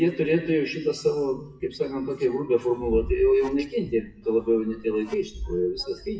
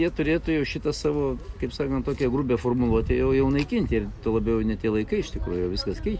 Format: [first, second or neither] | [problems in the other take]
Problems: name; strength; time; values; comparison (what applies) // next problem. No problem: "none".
second | noise reduction (classical method WPE with log-MMSE)